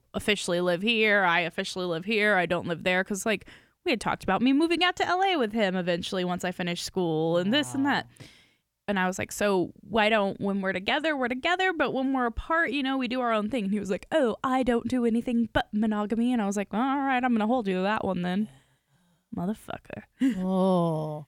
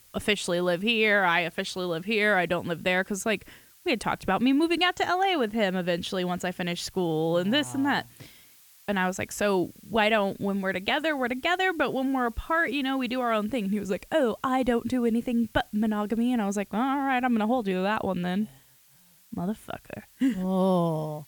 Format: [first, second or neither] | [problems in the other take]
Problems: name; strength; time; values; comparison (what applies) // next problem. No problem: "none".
first | hiss; faint; throughout; 25 dB below the speech